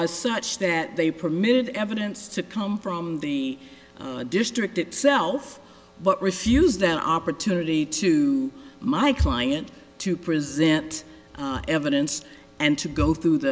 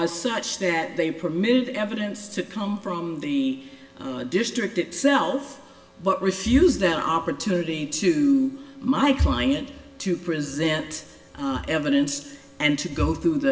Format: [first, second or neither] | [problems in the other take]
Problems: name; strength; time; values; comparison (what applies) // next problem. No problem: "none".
first | room echo; dies away in 0.9 s